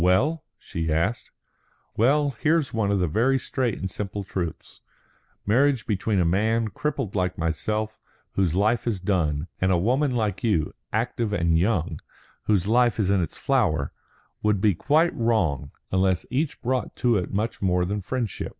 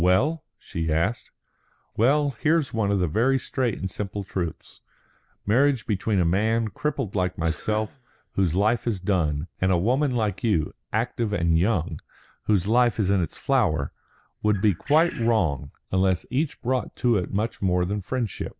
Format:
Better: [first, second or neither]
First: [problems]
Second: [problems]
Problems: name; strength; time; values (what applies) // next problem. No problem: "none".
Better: first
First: none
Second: background sound (Cough + Bird); 19 dB below the speech